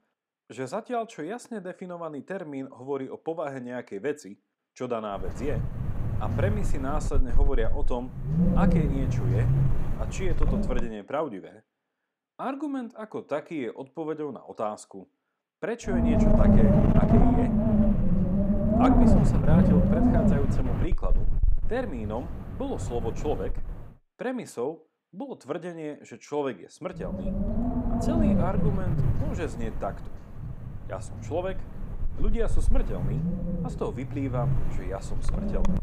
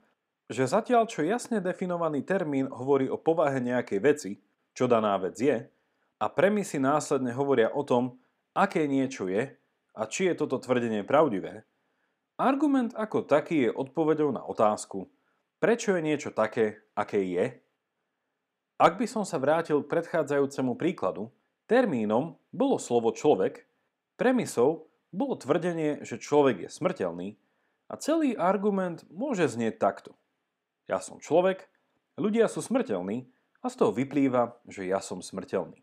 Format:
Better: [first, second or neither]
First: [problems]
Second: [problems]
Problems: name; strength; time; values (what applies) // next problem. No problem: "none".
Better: second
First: wind noise on the microphone; heavy; from 5 to 11 s, from 16 to 24 s and from 27 s on; 3 dB above the speech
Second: none